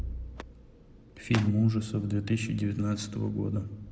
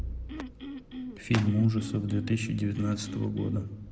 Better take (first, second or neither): first